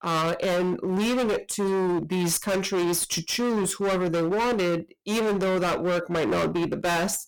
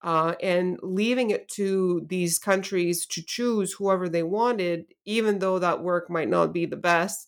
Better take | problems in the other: second | distortion; heavy; 37% of the sound clipped

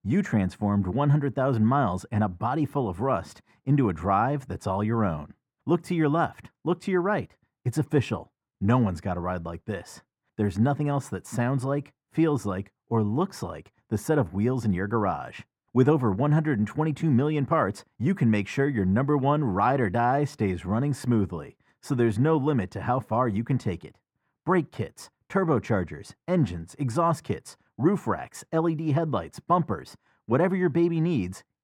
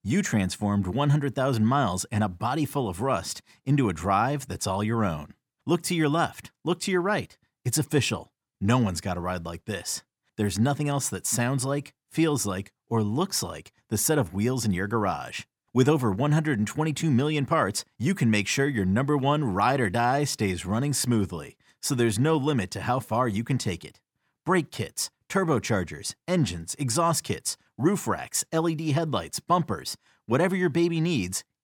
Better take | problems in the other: second | muffled; very; fading above 2.5 kHz

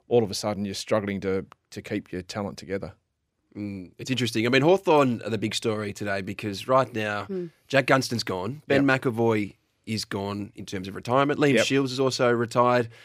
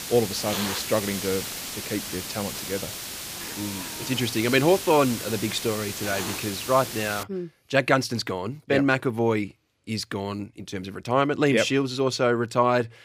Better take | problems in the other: first | hiss; loud; until 7 s; 6 dB below the speech

